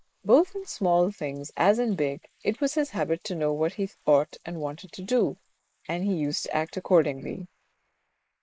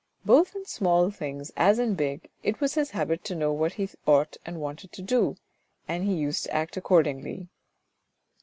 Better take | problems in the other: second | noise reduction (neural mask model Resemble Enhance denoiser)

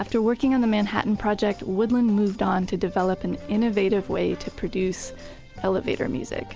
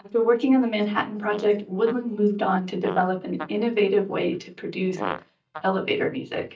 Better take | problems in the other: first | noise reduction (neural mask model DeepFilterNet 3)

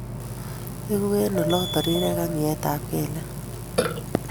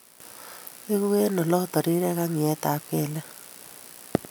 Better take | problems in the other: second | background sound (Burping, eructation); 4 dB below the speech

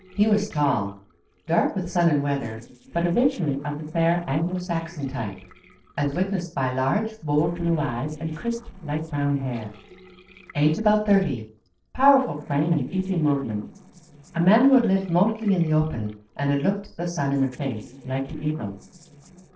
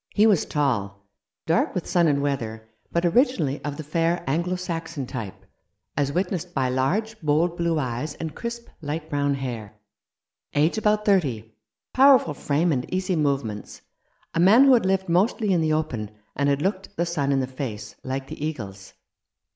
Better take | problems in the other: second | noise reduction (neural separator model SepFormer DNS4)

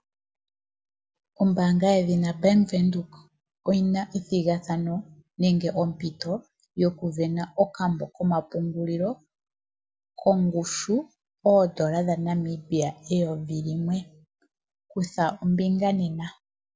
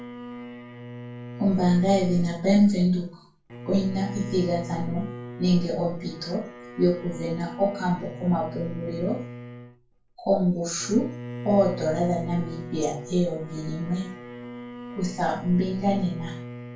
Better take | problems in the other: first | background sound (Bowed string instrument); 12 dB below the speech // room echo; dies away in 0.3 s

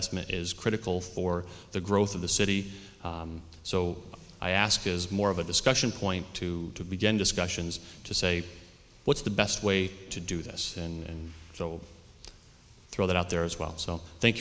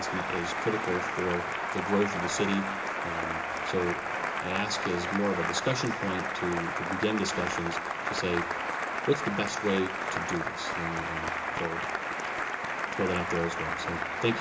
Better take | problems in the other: first | background sound (Applause); as loud as the speech // room echo; dies away in 0.2 s

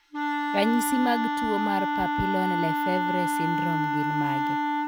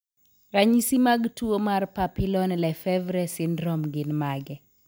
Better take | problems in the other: second | background sound (Wind instrument, woodwind instrument); 3 dB above the speech

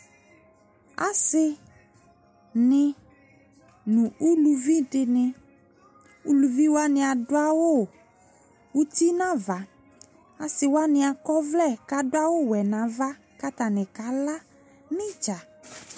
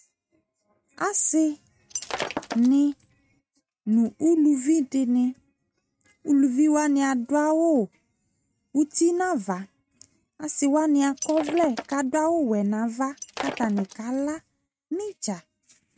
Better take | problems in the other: first | noise reduction (neural mask model RNNoise)

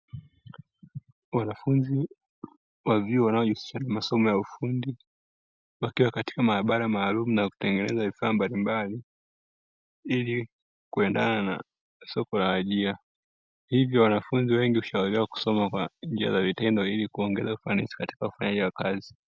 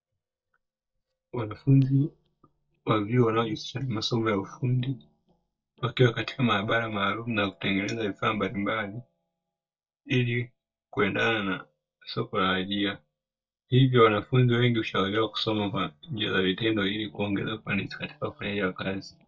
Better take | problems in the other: first | noise reduction (neural mask model DeepFilterNet 3)

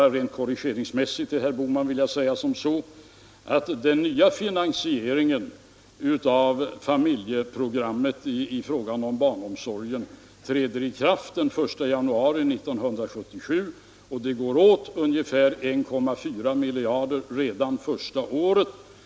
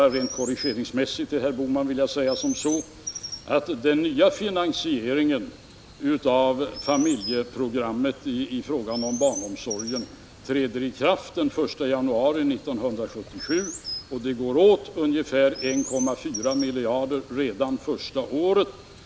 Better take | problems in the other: first | background sound (Chirp, tweet); 15 dB below the speech

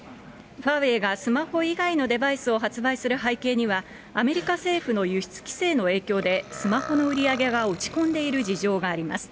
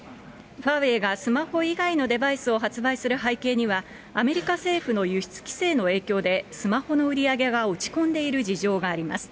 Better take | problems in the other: second | background sound (Burping, eructation); 14 dB below the speech

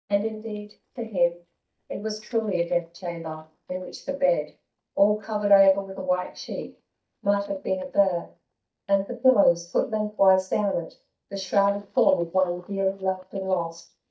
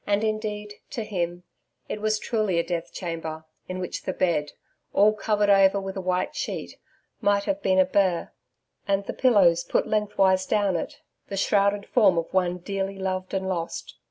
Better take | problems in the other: second | noise reduction (neural mask model DeepFilterNet 3)

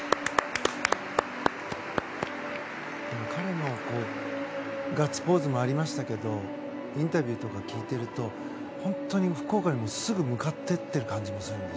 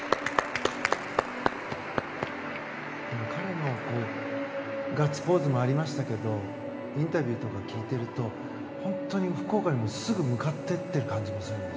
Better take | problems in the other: first | room echo; dies away in 2.5 s

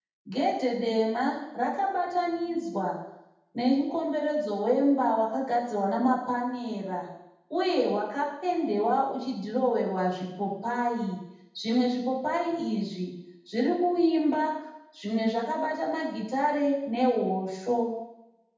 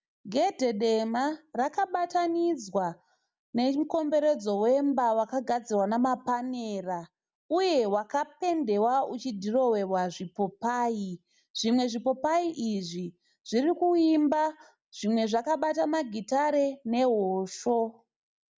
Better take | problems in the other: second | room echo; dies away in 0.9 s

